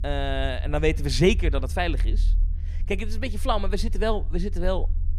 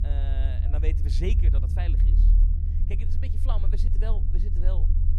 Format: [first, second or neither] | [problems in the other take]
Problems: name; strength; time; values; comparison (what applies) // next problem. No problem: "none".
first | low rumble; loud; throughout; 3 dB below the speech; faint in the first